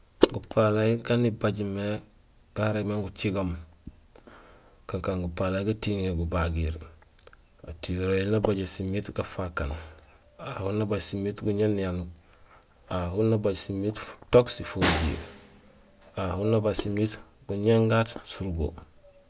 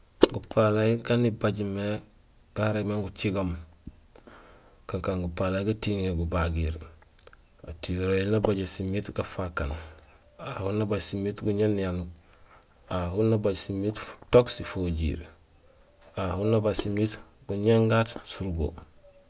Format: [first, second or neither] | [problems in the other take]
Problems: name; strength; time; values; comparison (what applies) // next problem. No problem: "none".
second | background sound (Snare drum); 7 dB below the speech